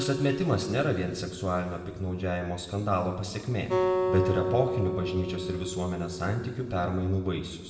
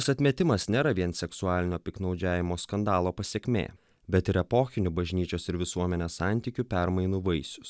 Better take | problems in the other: second | background sound (Acoustic guitar); 4 dB below the speech // room echo; dies away in 1.5 s

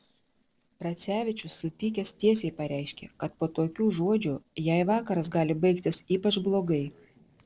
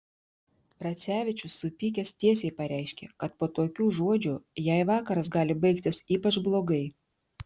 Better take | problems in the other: second | noise reduction (neural separator model SepFormer DNS4)

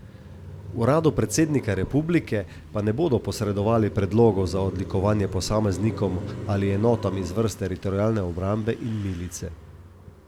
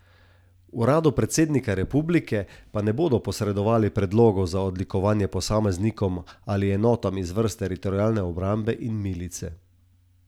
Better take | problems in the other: second | background sound (Car passing by); 13 dB below the speech

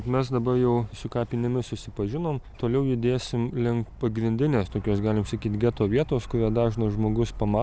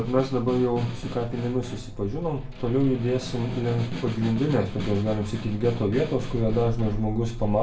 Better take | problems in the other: first | background sound (Snare drum); 13 dB below the speech // room echo; dies away in 0.3 s

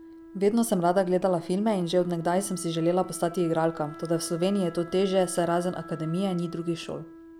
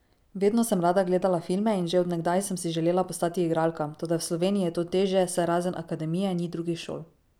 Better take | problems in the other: second | background sound (Wind instrument, woodwind instrument); 17 dB below the speech

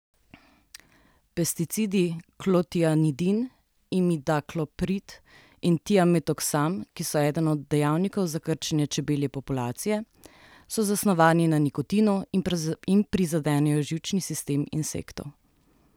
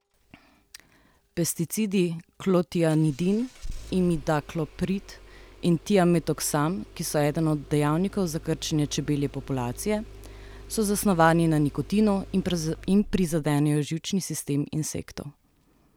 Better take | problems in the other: first | background sound (Engine starting); 18 dB below the speech

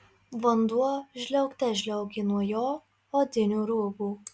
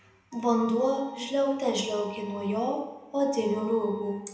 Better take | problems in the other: first | background sound (Wind instrument, woodwind instrument); 18 dB below the speech // room echo; dies away in 0.8 s

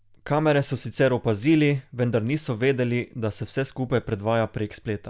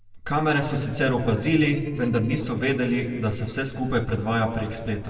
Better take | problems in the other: first | noise reduction (neural separator model SepFormer DNS4)

